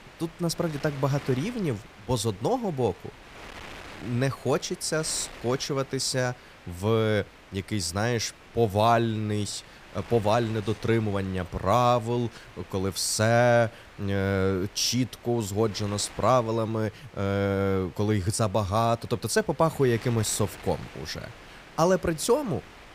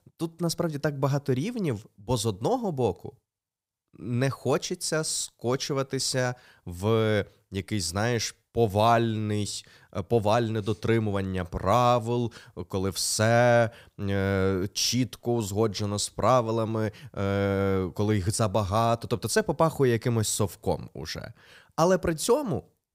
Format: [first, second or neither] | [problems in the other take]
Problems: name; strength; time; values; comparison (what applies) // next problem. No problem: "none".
second | wind noise on the microphone; occasional gusts; 20 dB below the speech